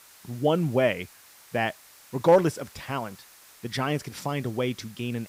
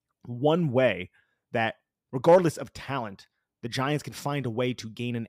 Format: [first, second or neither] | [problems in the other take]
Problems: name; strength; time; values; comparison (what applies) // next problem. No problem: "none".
second | hiss; faint; throughout; 25 dB below the speech